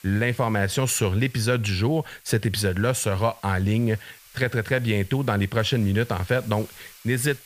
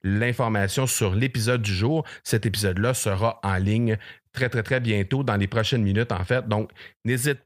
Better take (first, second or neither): second